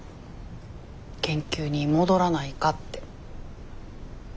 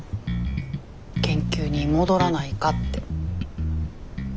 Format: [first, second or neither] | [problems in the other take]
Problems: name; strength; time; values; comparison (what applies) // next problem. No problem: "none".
first | background sound (Bass guitar); 1 dB below the speech